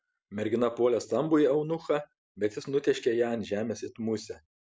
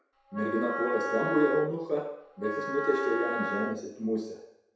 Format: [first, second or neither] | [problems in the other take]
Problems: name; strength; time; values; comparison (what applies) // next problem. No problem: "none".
first | background sound (Wind instrument, woodwind instrument); 5 dB below the speech // room echo; dies away in 0.7 s